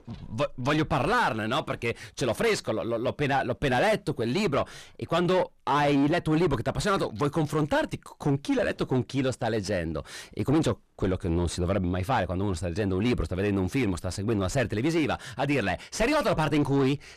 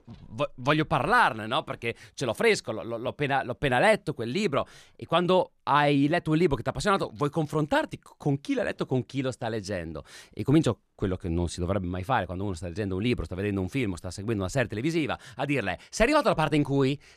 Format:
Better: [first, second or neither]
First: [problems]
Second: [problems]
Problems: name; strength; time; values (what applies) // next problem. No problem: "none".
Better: second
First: distortion; heavy; 6 dB below the speech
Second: none